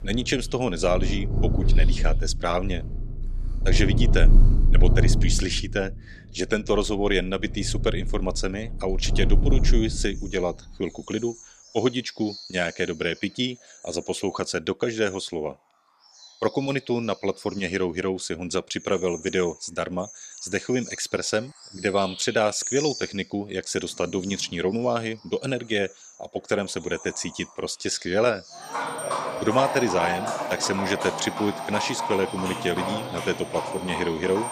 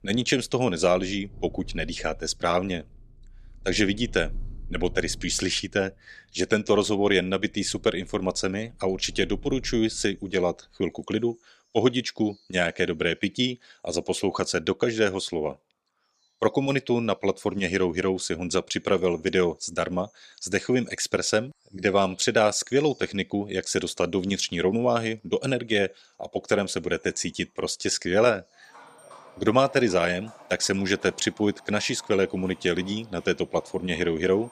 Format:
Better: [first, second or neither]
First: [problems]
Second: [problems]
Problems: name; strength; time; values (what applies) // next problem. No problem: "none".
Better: second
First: animal sounds; loud; throughout; 1 dB below the speech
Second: animal sounds; faint; throughout; 20 dB below the speech